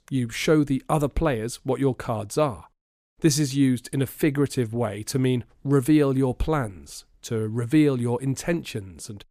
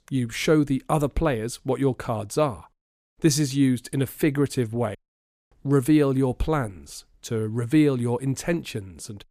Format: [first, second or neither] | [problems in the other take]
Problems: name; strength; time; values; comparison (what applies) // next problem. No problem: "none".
first | audio cutting out; at 5 s for 0.5 s